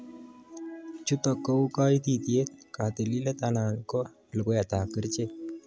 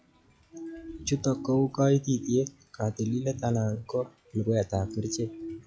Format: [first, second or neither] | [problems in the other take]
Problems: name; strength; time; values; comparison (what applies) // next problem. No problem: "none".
first | noise reduction (classical method log-MMSE)